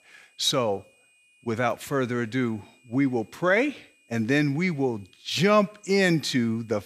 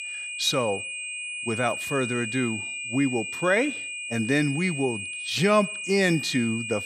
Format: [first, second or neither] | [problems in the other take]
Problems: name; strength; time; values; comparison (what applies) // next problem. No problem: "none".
first | high-pitched whine; loud; throughout; 2.5 kHz, 5 dB below the speech; faint in the first